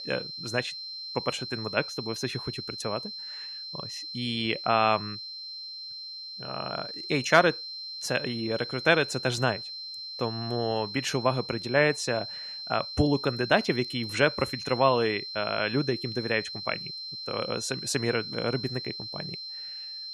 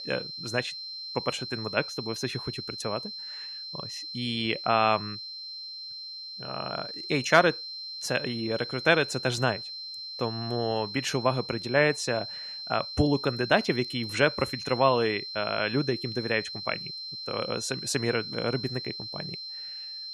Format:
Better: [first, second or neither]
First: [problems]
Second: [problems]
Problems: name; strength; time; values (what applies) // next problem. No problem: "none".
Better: neither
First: high-pitched whine; loud; throughout; 4 kHz, 7 dB below the speech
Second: high-pitched whine; loud; throughout; 4 kHz, 7 dB below the speech